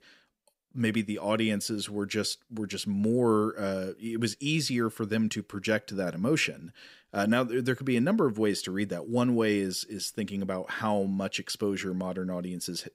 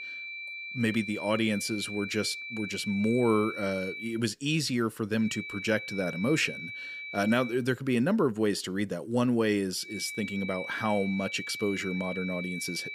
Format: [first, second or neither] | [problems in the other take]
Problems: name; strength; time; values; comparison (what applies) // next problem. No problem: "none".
first | high-pitched whine; loud; until 4 s, from 5 to 7.5 s and from 10 s on; 2.5 kHz, 8 dB below the speech